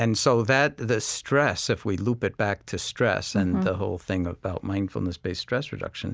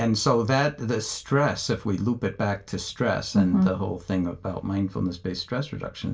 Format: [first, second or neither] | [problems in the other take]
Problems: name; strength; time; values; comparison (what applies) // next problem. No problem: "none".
first | room echo; dies away in 0.2 s